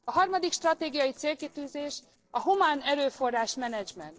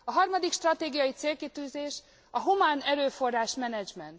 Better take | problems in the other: second | noise reduction (neural separator model SepFormer DNS4)

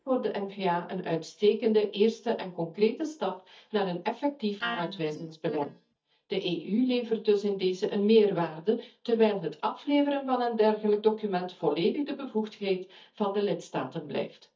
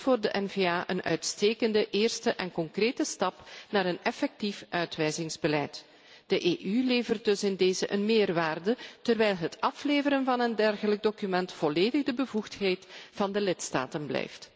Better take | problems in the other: second | noise reduction (neural mask model DeepFilterNet 3)

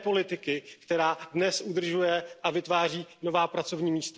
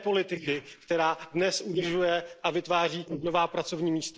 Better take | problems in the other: first | noise reduction (neural mask model Resemble Enhance denoiser)

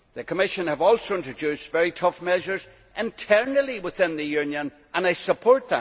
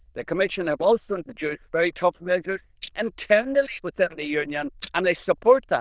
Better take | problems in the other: first | noise reduction (neural diffusion model UNIVERSE++)

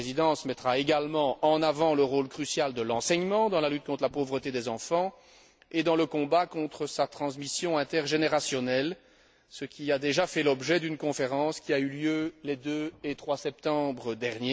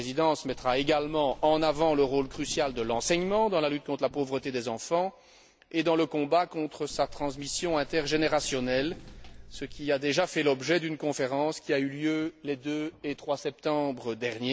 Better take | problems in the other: first | background sound (Walk, footsteps); 15 dB below the speech

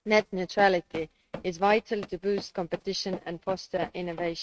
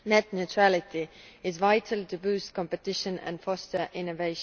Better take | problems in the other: second | noise reduction (neural mask model RNNoise)

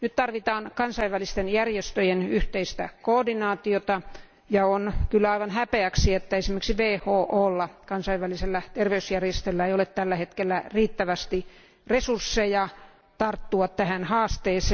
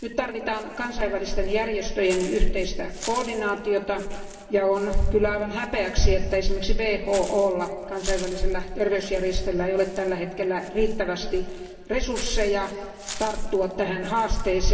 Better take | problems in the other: first | background sound (Walk, footsteps / Bird); 18 dB below the speech // room echo; dies away in 2 s

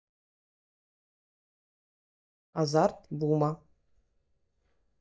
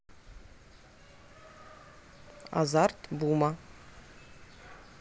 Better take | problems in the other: second | noise reduction (neural mask model DeepFilterNet 3)

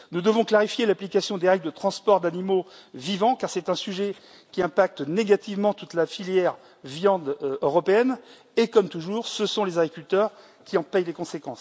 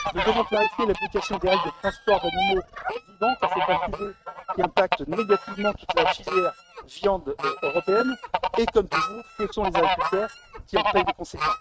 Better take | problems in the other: first | noise reduction (neural mask model RNNoise)

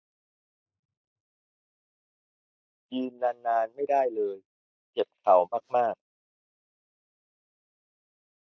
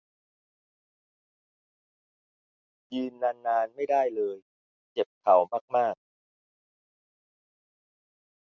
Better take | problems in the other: second | noise reduction (neural mask model Resemble Enhance denoiser)

